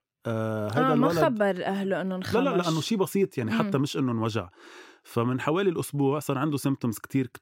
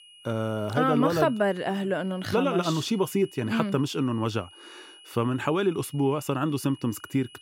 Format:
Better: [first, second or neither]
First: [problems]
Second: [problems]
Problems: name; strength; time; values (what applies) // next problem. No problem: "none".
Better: first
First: none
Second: high-pitched whine; faint; throughout; 3 kHz, 20 dB below the speech